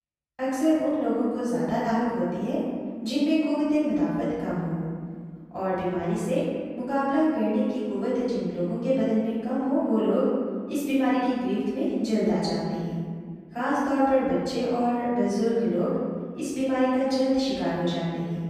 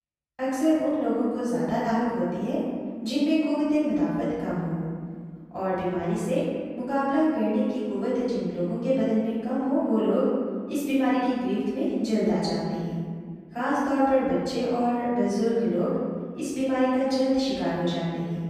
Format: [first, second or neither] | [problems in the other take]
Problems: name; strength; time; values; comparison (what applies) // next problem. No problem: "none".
neither | off-mic speech; far; the same in both // room echo; strong; dies away in 1.9 s; the same in both